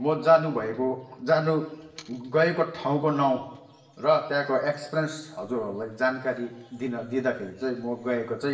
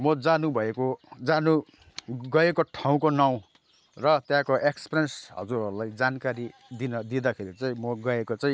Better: second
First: room echo; dies away in 1 s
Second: none

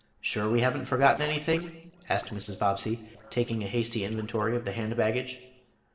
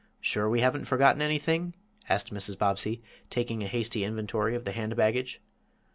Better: second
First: noise reduction (neural separator model SepFormer DNS4)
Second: none

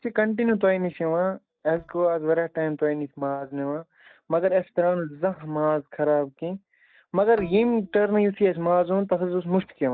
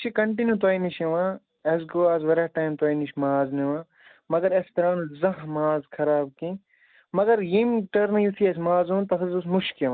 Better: second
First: noise reduction (neural mask model DeepFilterNet 3)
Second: none

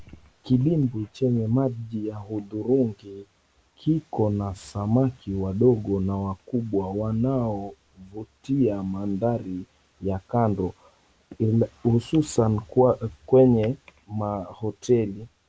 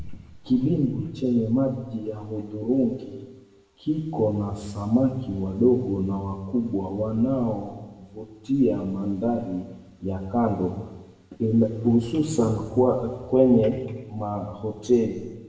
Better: first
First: none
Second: room echo; dies away in 1.1 s

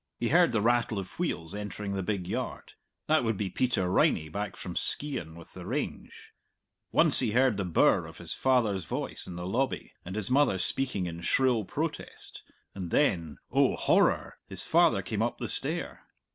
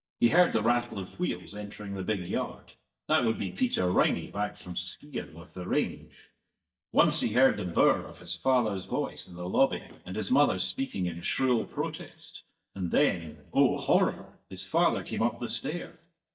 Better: first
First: none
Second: noise reduction (neural mask model DeepFilterNet 3)

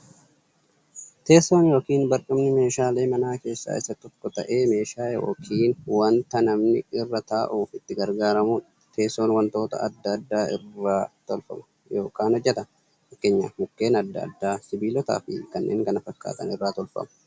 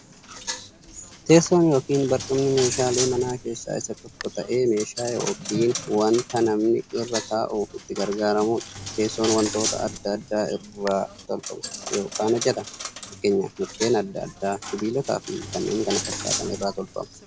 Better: first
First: none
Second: background sound (Coin (dropping)); 10 dB below the speech

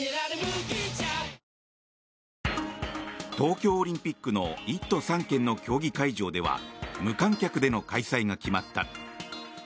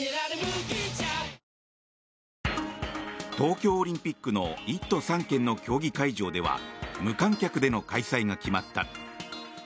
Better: first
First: none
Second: background sound (Piano); 19 dB below the speech

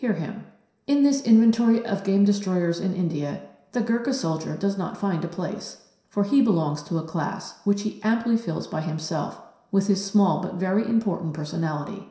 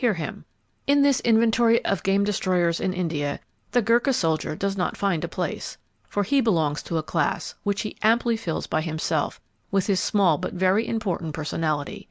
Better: second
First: room echo; dies away in 0.7 s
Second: none

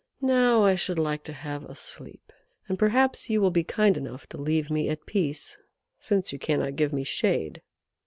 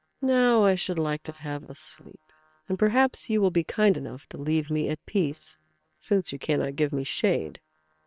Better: first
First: none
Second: noise reduction (neural separator model SepFormer WHAM!)

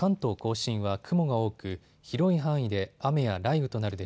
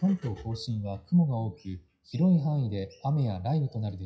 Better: first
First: none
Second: noise reduction (classical method WPE with log-MMSE)

